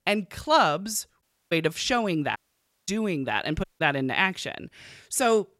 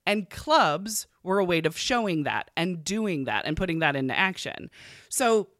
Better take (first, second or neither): second